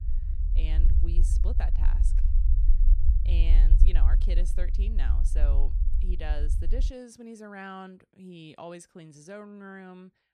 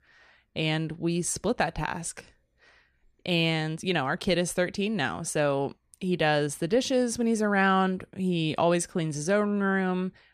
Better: second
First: low rumble; loud; until 7 s; 6 dB below the speech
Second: none

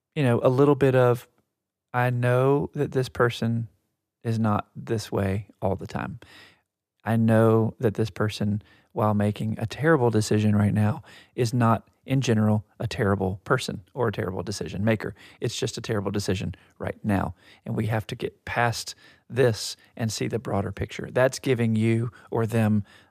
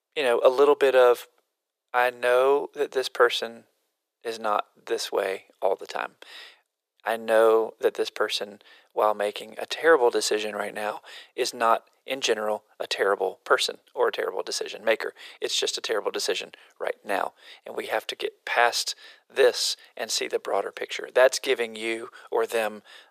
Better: first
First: none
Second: thin; very; fading below 450 Hz

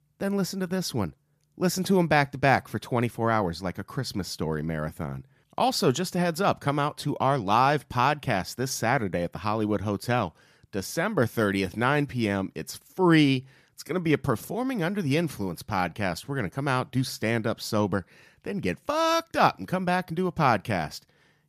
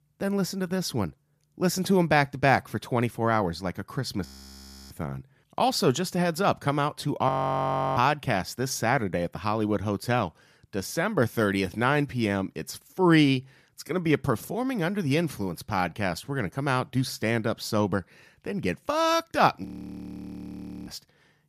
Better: first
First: none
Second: audio freezing; at 4.5 s for 0.5 s, at 7.5 s for 0.5 s and at 20 s for 1 s

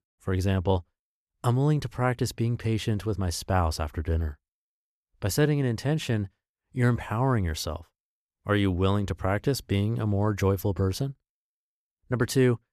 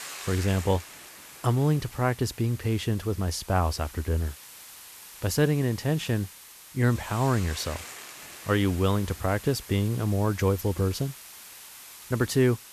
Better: first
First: none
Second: hiss; noticeable; throughout; 15 dB below the speech

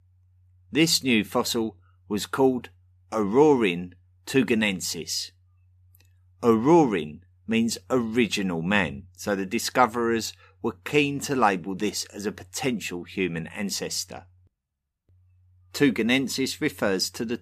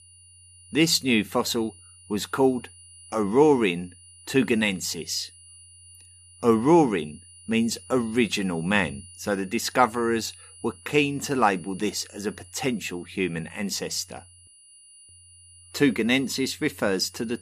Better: first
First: none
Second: high-pitched whine; faint; throughout; 9.5 kHz, 25 dB below the speech

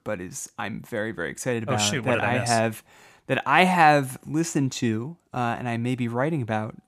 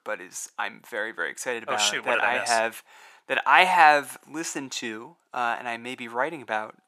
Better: first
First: none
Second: thin; very; fading below 450 Hz

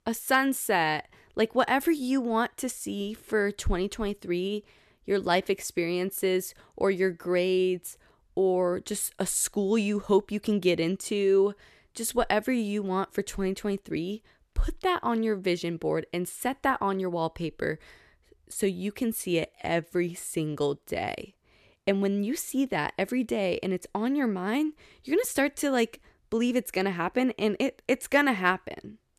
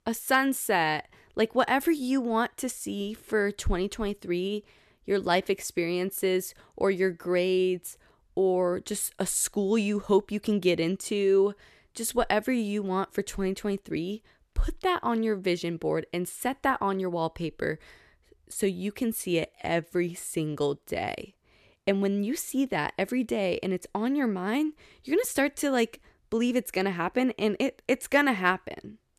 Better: neither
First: none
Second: none

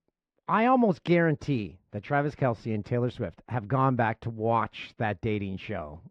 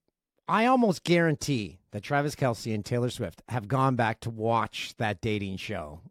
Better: second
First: muffled; slightly; fading above 2.5 kHz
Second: none

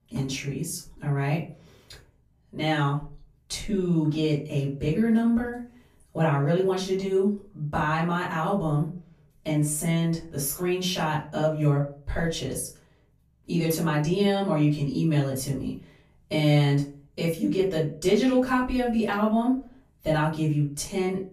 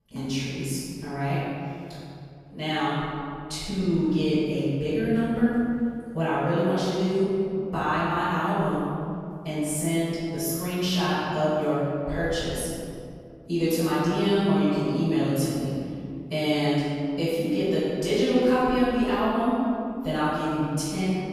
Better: first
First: room echo; slight; dies away in 0.3 s // off-mic speech; far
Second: room echo; strong; dies away in 2.4 s // off-mic speech; far

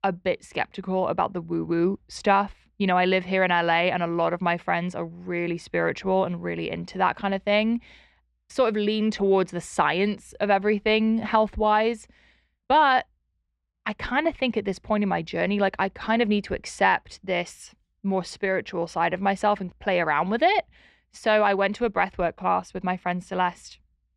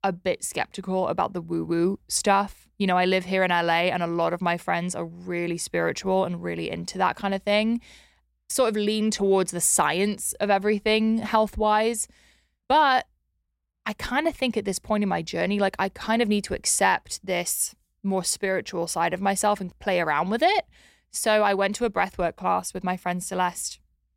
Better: second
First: muffled; slightly; fading above 3 kHz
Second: none

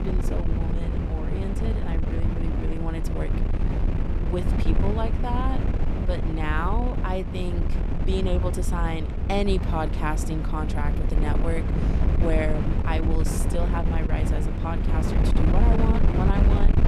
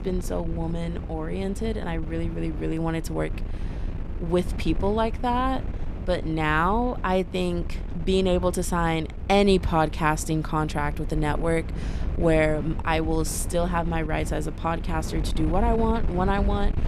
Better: second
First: wind noise on the microphone; heavy; 3 dB below the speech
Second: wind noise on the microphone; occasional gusts; 15 dB below the speech

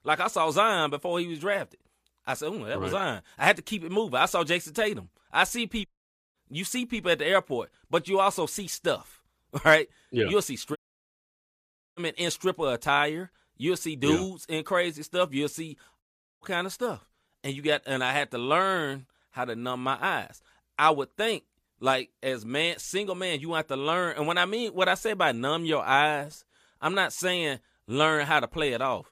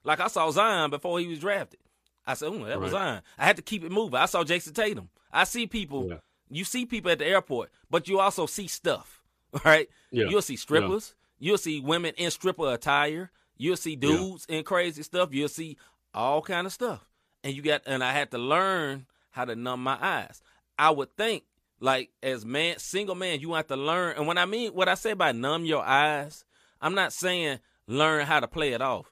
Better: second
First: audio cutting out; at 6 s, at 11 s for 1 s and at 16 s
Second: none

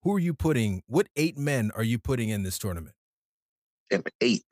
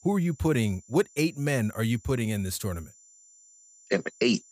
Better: first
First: none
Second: high-pitched whine; faint; throughout; 7 kHz, 25 dB below the speech

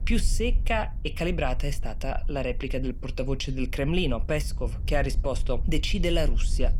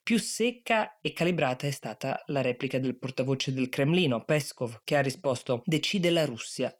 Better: second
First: low rumble; faint; throughout; 20 dB below the speech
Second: none

